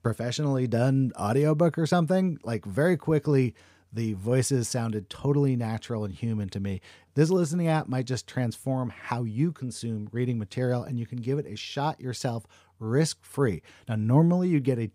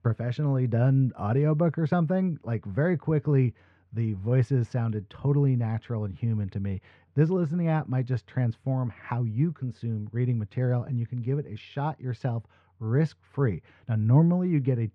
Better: first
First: none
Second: muffled; very; fading above 2 kHz

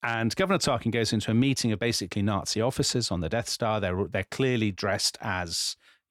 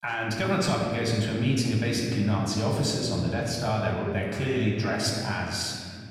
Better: first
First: none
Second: off-mic speech; far // room echo; noticeable; dies away in 2.2 s

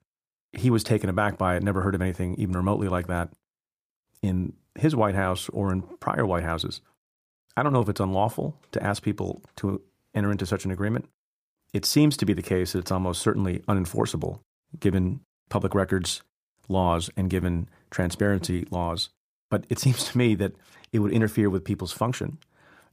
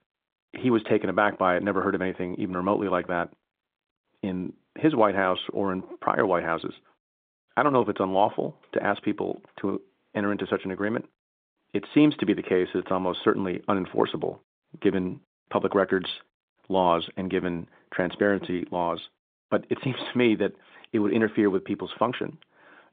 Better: first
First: none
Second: phone-call audio

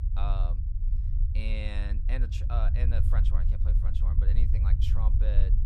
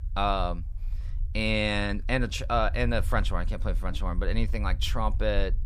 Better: second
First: low rumble; loud; throughout; 5 dB below the speech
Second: low rumble; faint; throughout; 25 dB below the speech

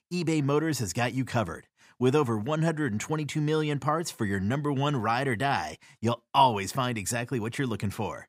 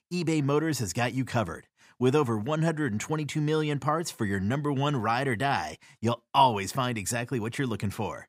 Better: neither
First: none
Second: none

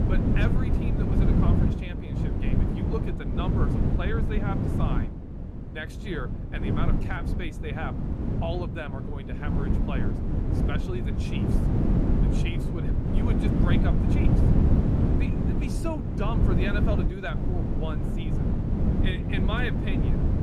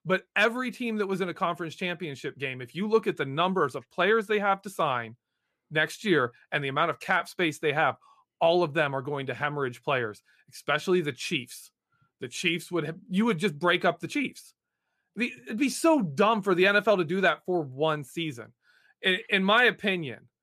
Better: second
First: wind noise on the microphone; heavy; 1 dB above the speech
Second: none

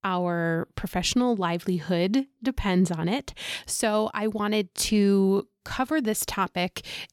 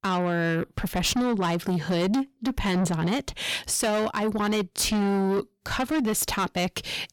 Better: first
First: none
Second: distortion; heavy; 7 dB below the speech

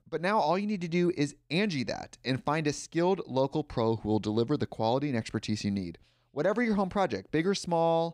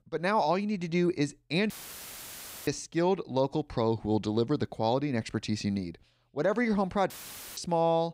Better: first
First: none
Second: audio cutting out; filled with static; at 1.5 s for 1 s and at 7 s

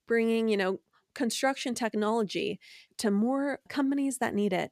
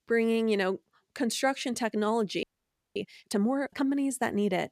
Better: first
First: none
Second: audio freezing; at 2.5 s for 0.5 s

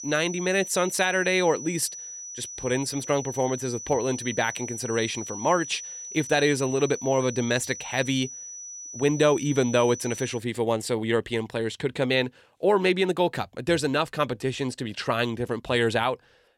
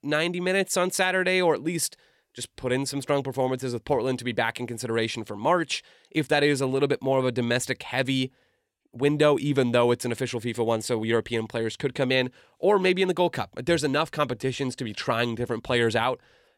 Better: second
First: high-pitched whine; noticeable; until 10 s; 6 kHz, 10 dB below the speech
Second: none

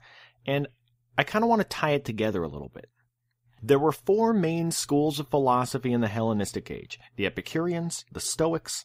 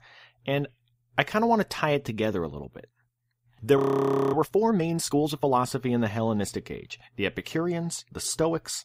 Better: first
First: none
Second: audio freezing; at 4 s for 0.5 s

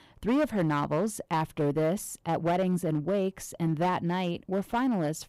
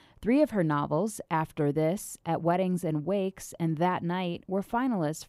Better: second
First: distortion; slight; 8% of the sound clipped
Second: none

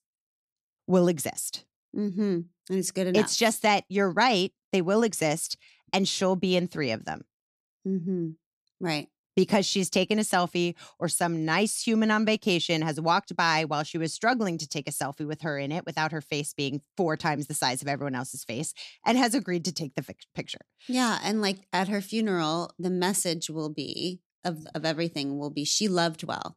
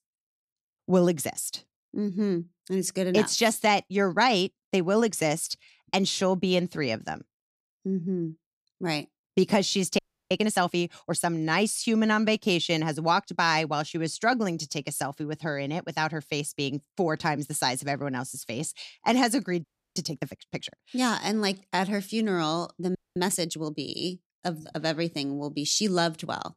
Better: first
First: none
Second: audio freezing; at 10 s, at 20 s and at 23 s

